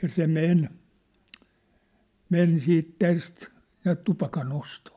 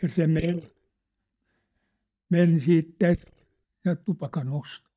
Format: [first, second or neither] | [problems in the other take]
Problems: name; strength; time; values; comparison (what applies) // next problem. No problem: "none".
first | noise reduction (neural mask model DeepFilterNet 3)